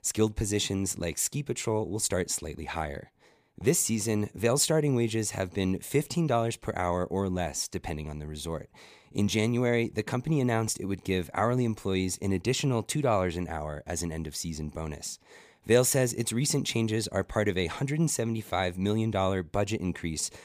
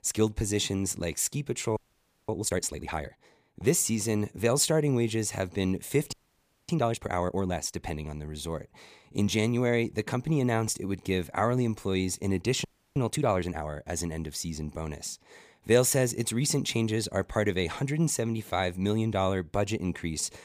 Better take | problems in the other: first | audio freezing; at 2 s for 0.5 s, at 6 s for 0.5 s and at 13 s

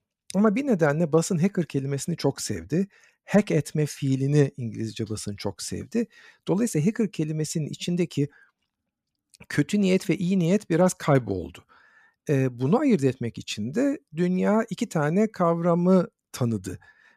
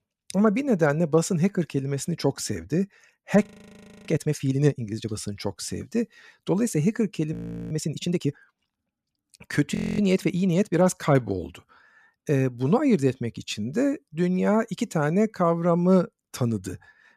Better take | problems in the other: first | audio freezing; at 3.5 s for 0.5 s, at 7.5 s and at 10 s

